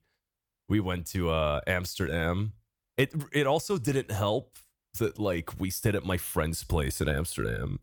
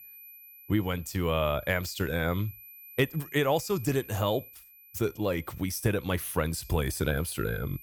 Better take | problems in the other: first | high-pitched whine; noticeable; throughout; 12 kHz, 20 dB below the speech

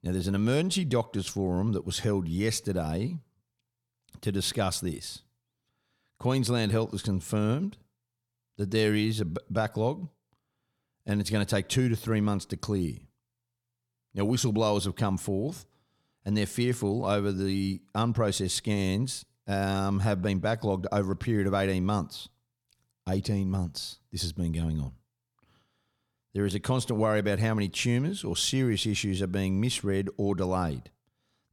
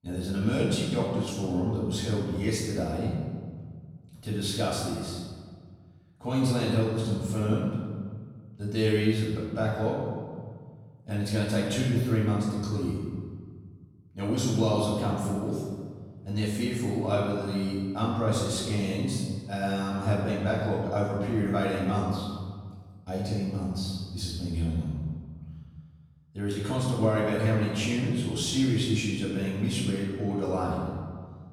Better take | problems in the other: first | off-mic speech; far // room echo; noticeable; dies away in 1.5 s

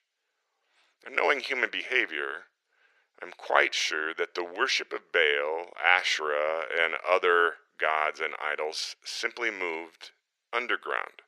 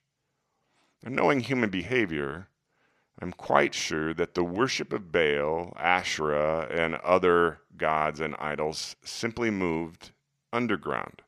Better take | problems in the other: second | thin; very; fading below 450 Hz

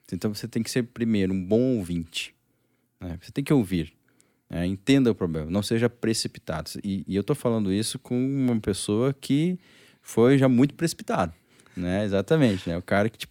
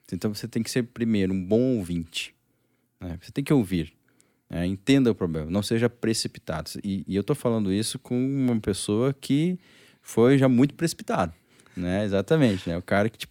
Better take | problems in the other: neither | none

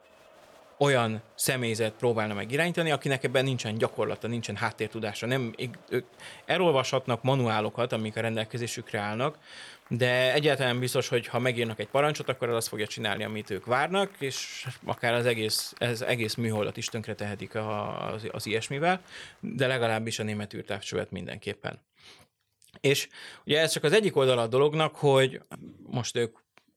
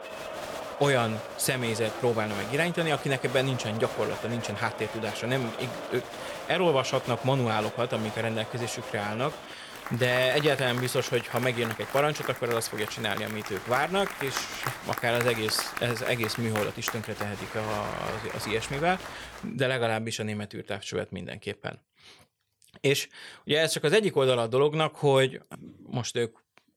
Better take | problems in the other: first | crowd noise; loud; until 19 s; 9 dB below the speech; faint in the first

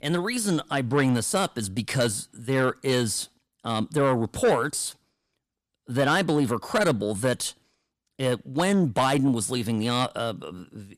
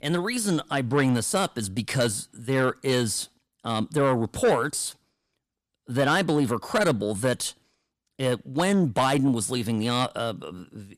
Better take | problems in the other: neither | distortion; slight; 10 dB below the speech; the same in both

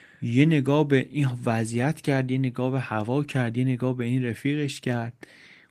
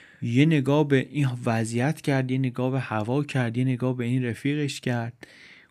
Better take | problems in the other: second | garbled, watery; slightly; nothing above 15 kHz

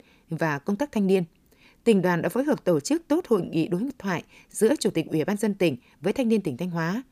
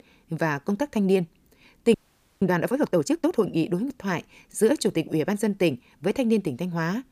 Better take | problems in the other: first | audio freezing; at 2 s

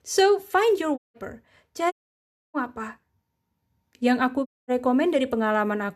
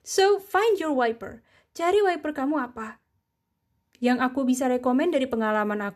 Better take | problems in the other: second | audio cutting out; at 1 s, at 2 s for 0.5 s and at 4.5 s

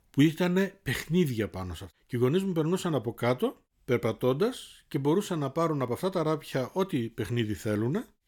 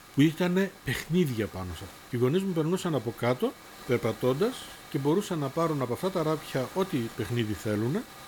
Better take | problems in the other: first | hiss; noticeable; throughout; 15 dB below the speech

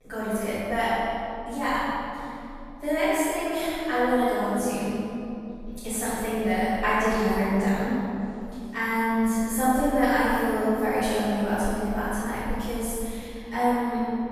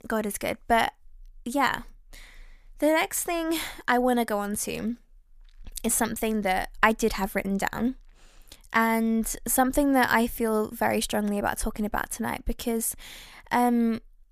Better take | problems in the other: second | room echo; strong; dies away in 2.8 s // off-mic speech; far

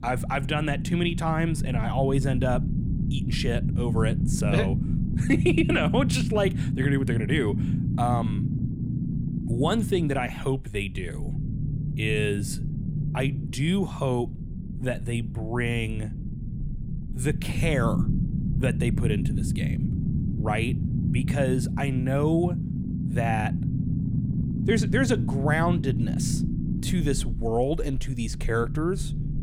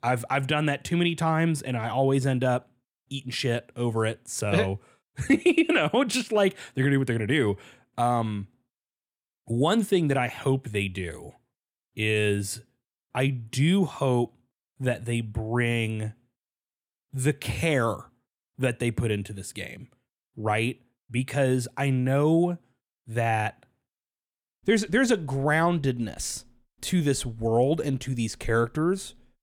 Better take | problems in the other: second | low rumble; loud; throughout; 8 dB below the speech

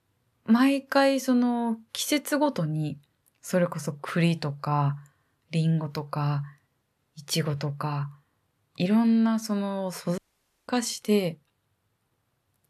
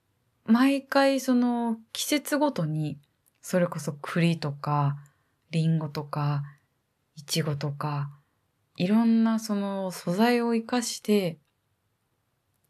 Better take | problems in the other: second | audio cutting out; at 10 s for 0.5 s

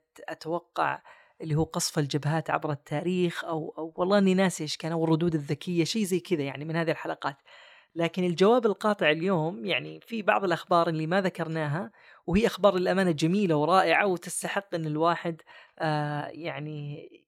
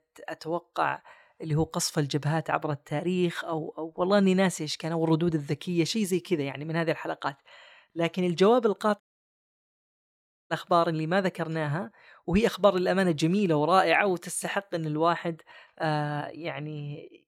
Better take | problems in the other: first | audio cutting out; at 9 s for 1.5 s

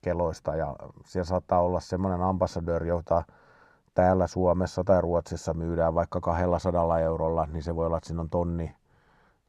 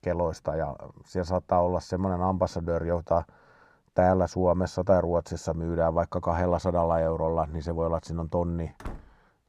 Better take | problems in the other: first | door banging; faint; at 9 s; peak 15 dB below the speech

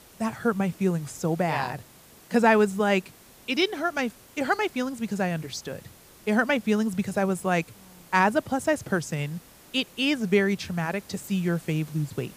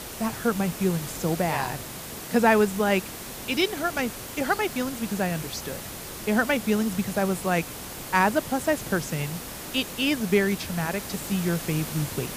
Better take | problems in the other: first | hiss; loud; throughout; 9 dB below the speech; faint in the first

